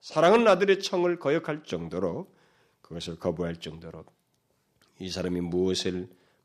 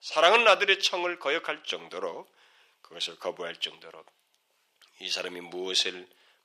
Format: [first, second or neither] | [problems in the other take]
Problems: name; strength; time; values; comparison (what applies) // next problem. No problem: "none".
first | thin; very; fading below 700 Hz